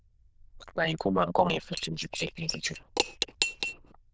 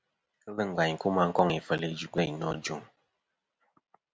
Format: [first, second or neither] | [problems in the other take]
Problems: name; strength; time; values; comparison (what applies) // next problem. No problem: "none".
second | noise reduction (neural diffusion model UNIVERSE++)